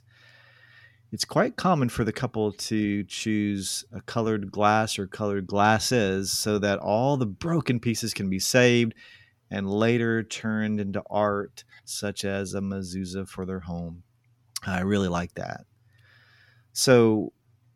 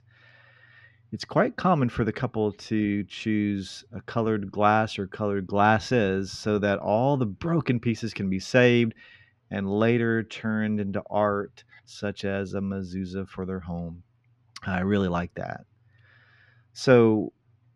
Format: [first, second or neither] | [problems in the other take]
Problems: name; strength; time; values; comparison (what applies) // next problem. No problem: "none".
first | muffled; slightly; fading above 3 kHz